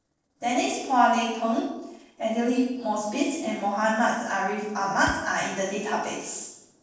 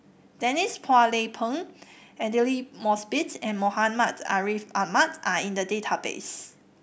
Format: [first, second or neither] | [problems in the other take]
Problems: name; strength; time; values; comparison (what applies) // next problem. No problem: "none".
second | noise reduction (neural separator model SepFormer DNS4)